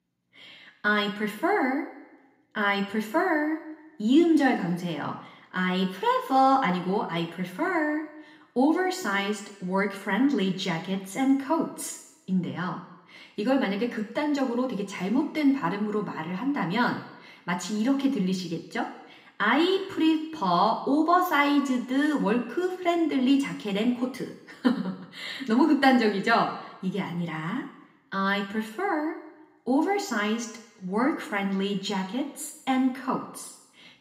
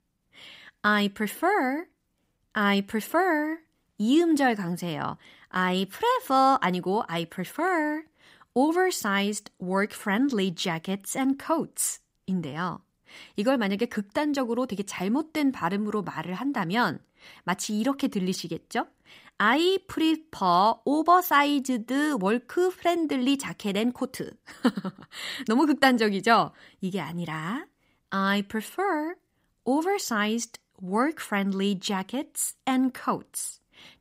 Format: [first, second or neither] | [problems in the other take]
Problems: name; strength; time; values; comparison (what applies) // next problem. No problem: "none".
second | room echo; slight; dies away in 0.9 s // off-mic speech; somewhat distant